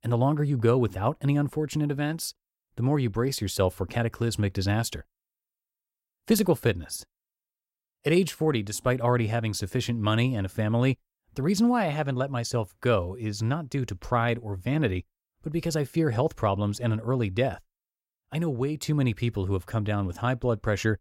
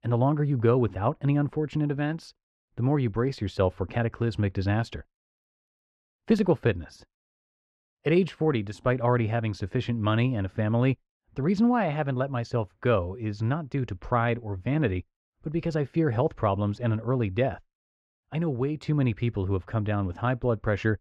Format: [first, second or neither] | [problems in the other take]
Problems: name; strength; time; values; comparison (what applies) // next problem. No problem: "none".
first | muffled; slightly; fading above 2.5 kHz